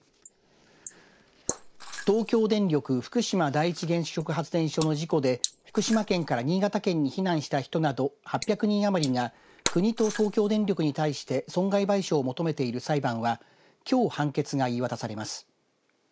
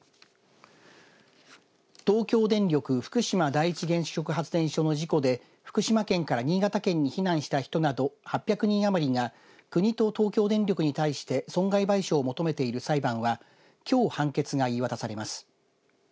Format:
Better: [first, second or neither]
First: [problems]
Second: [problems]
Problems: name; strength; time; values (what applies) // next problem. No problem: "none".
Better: second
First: noise reduction (neural mask model Resemble Enhance denoiser)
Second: none